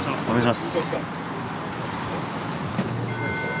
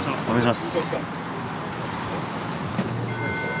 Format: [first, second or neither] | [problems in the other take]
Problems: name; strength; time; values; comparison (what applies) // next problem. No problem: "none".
second | background sound (Gong); 18 dB below the speech